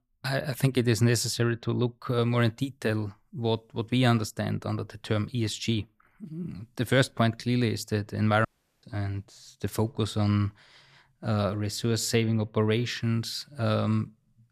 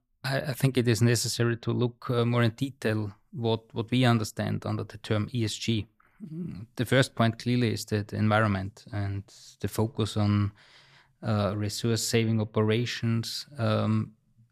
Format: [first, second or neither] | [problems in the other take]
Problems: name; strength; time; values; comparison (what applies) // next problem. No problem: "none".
second | audio cutting out; at 8.5 s